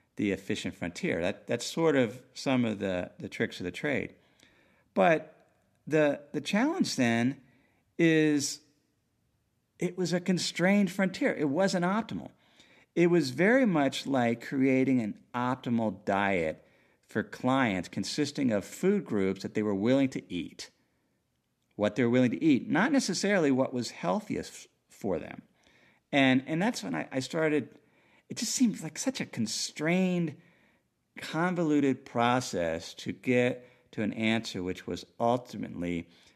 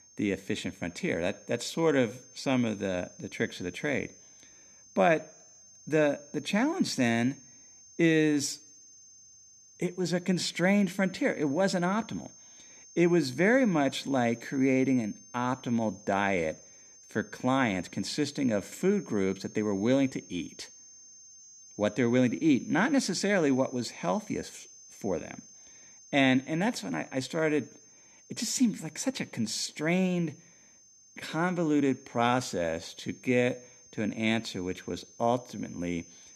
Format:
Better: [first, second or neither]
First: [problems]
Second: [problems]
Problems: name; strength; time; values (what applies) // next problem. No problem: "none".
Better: first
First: none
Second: high-pitched whine; faint; throughout; 6.5 kHz, 20 dB below the speech